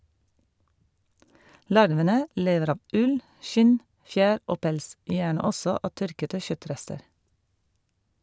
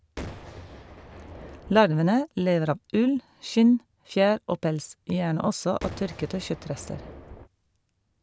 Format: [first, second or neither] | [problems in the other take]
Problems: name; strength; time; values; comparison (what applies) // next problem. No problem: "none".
first | background sound (Boom); 15 dB below the speech